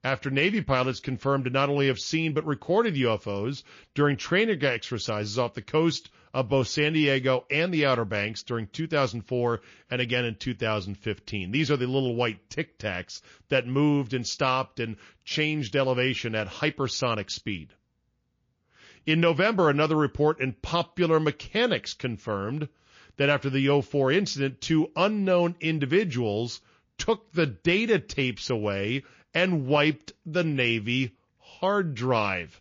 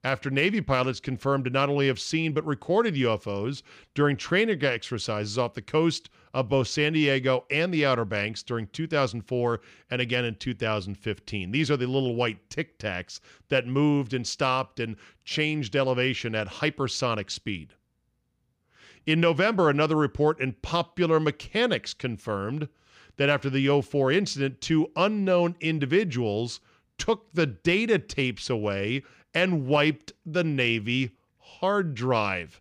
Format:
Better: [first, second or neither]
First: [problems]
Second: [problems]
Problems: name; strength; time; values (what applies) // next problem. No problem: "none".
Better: second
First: garbled, watery; slightly; nothing above 7 kHz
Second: none